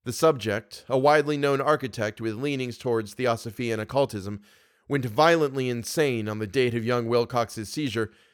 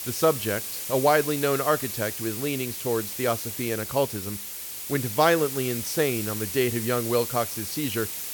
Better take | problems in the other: first | hiss; loud; throughout; 5 dB below the speech

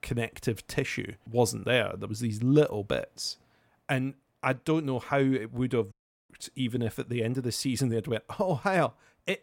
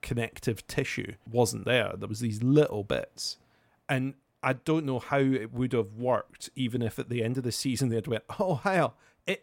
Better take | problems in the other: second | audio cutting out; at 6 s

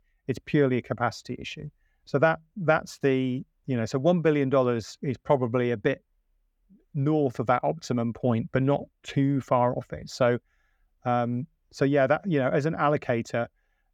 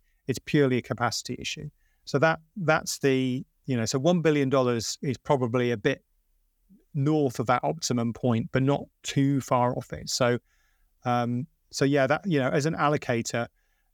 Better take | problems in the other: second | muffled; slightly; fading above 4 kHz

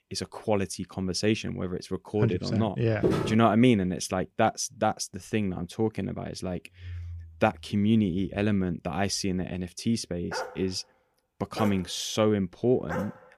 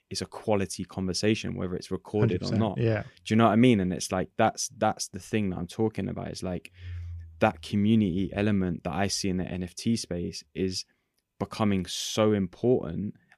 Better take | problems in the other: second | footsteps; loud; at 3 s; peak 1 dB above the speech // dog barking; noticeable; from 10 s on; peak 8 dB below the speech

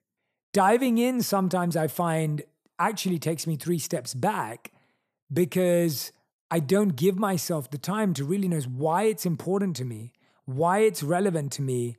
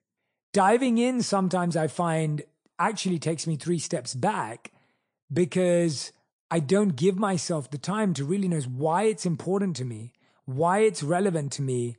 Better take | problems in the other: first | garbled, watery; slightly; nothing above 9 kHz

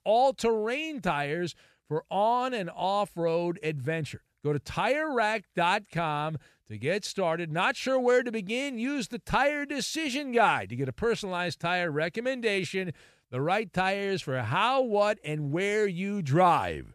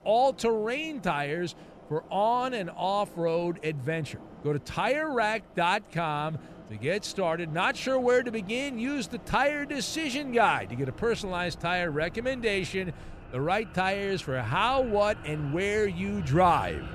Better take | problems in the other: first | train or aircraft noise; noticeable; throughout; 20 dB below the speech

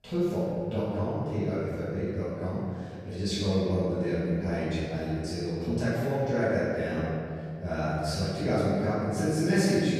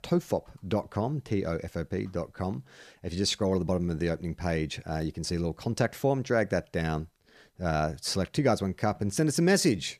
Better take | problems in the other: second | off-mic speech; far // room echo; strong; dies away in 2.4 s

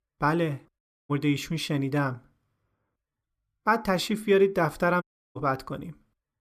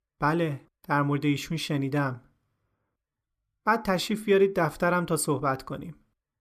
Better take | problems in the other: second | audio cutting out; at 1 s and at 5 s

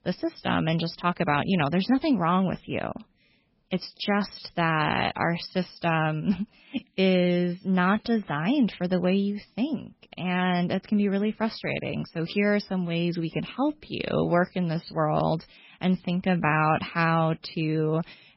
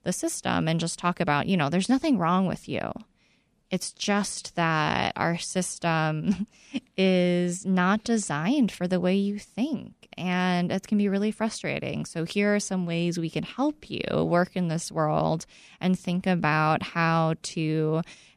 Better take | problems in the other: second | garbled, watery; badly; nothing above 5.5 kHz

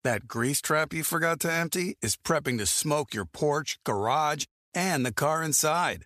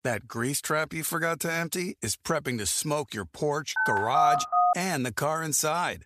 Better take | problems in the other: first | phone ringing; loud; at 4 s; peak 5 dB above the speech

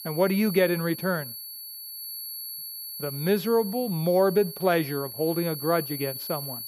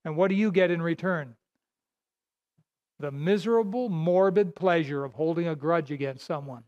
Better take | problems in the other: second | high-pitched whine; loud; throughout; 11.5 kHz, 9 dB below the speech

